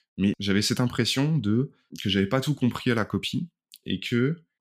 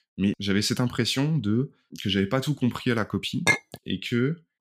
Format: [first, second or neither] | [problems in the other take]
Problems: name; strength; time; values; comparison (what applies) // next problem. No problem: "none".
first | clattering dishes; loud; at 3.5 s; peak 3 dB above the speech